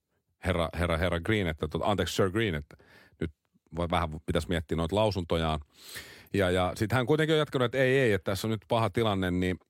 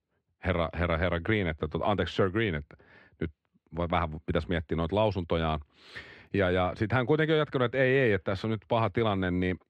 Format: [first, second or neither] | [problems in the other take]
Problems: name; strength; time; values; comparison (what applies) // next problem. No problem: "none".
first | muffled; slightly; fading above 2.5 kHz